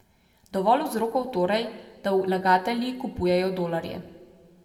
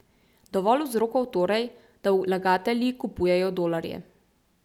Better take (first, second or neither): second